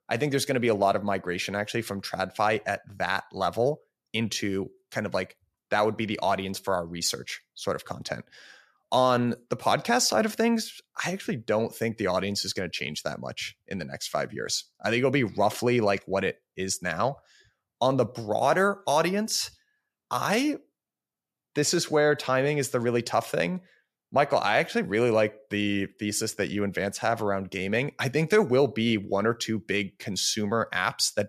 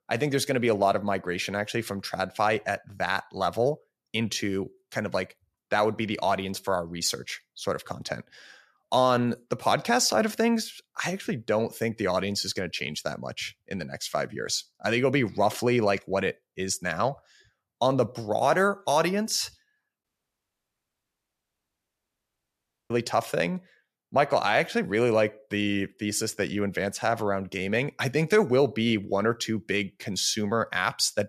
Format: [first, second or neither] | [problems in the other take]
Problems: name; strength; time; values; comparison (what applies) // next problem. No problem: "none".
first | audio cutting out; at 20 s for 3 s